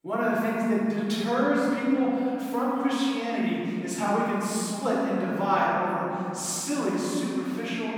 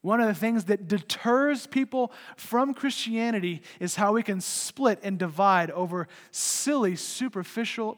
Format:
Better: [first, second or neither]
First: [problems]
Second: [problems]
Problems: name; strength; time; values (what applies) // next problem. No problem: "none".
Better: second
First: room echo; strong; dies away in 2.9 s // off-mic speech; far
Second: none